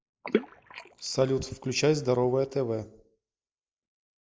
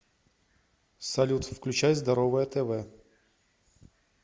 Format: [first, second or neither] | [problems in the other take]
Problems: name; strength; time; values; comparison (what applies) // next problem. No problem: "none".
second | noise reduction (neural mask model Resemble Enhance denoiser)